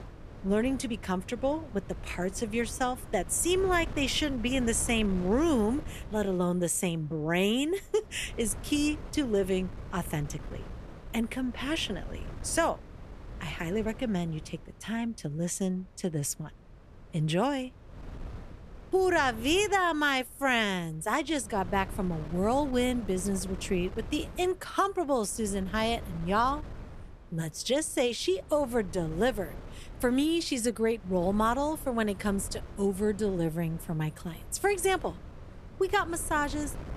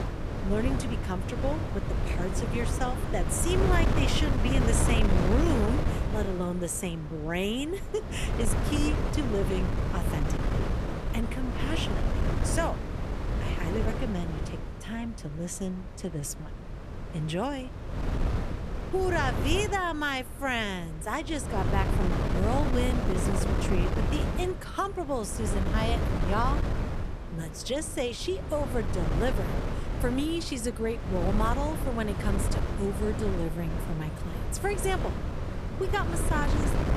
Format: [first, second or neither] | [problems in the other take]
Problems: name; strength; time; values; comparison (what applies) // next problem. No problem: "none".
first | wind noise on the microphone; heavy; 4 dB below the speech; occasional gusts in the first